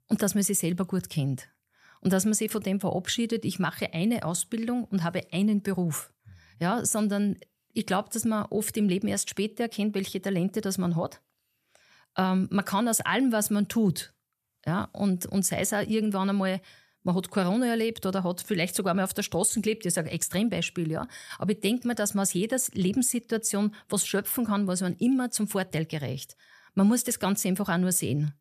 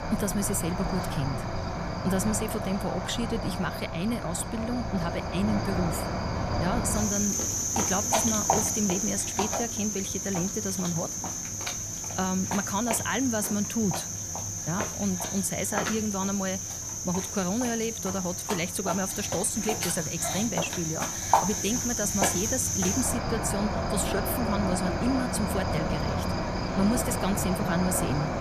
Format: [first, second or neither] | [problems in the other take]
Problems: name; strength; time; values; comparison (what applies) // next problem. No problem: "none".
first | animal sounds; very loud; throughout; 1 dB above the speech